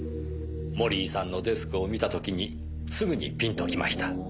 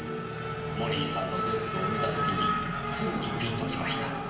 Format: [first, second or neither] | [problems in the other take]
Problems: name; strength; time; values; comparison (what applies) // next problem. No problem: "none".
first | background sound (Race car, auto racing / Accelerating, revving, vroom); 1 dB above the speech // room echo; dies away in 1 s